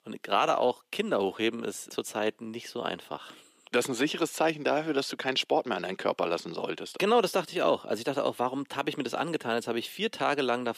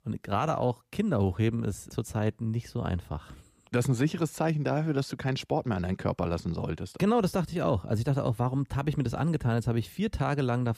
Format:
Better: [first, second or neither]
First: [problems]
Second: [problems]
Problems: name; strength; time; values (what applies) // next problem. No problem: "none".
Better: second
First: thin; somewhat; fading below 300 Hz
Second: none